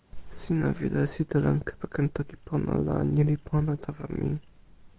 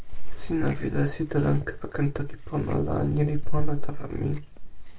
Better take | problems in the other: first | background sound (Chewing, mastication); 1 dB below the speech // room echo; dies away in 0.2 s

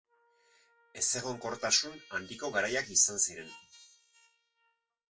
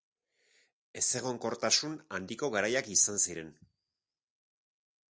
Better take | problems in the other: second | noise reduction (classical method WPE with log-MMSE)

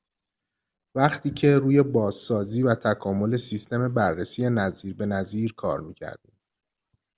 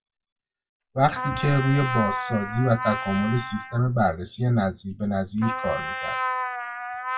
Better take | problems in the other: first | noise reduction (classical method WPE with log-MMSE)

